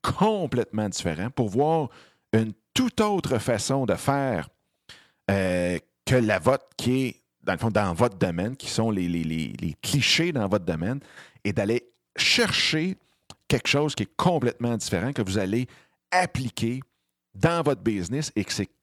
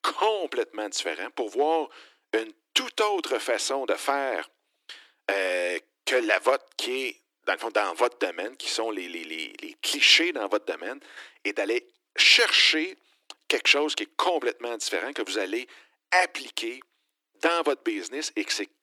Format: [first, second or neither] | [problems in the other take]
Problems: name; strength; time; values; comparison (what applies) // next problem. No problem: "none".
first | thin; very; fading below 300 Hz